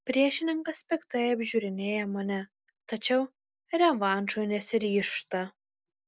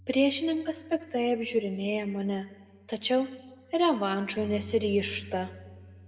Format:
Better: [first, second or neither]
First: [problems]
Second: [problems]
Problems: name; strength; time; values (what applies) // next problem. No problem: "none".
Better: first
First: none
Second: background sound (Bass guitar); 20 dB below the speech // room echo; dies away in 1.1 s